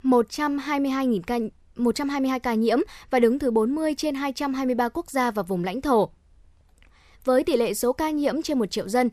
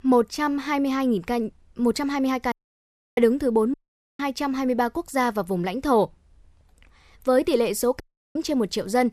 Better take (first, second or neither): first